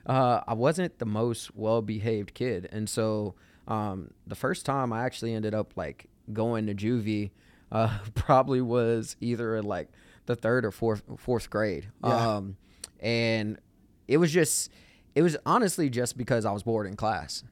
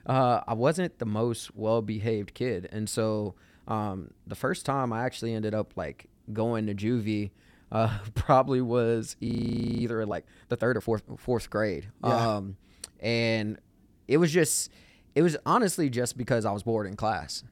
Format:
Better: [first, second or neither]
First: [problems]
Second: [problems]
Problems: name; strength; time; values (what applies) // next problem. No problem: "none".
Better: first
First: none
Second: audio freezing; at 9.5 s for 0.5 s